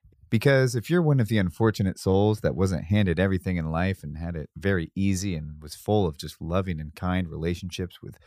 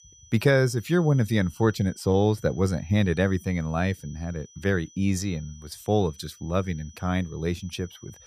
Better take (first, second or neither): first